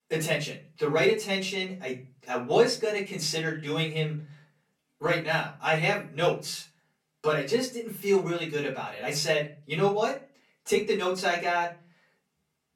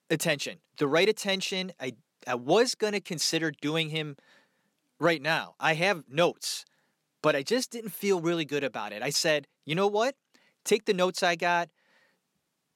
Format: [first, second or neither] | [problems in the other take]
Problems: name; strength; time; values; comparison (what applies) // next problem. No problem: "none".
second | off-mic speech; far // room echo; slight; dies away in 0.4 s